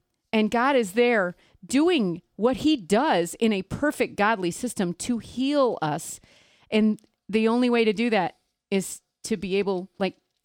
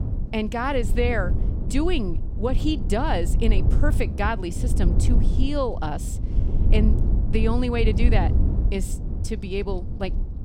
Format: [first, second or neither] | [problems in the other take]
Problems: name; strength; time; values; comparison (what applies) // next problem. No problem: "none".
first | low rumble; noticeable; throughout; 10 dB below the speech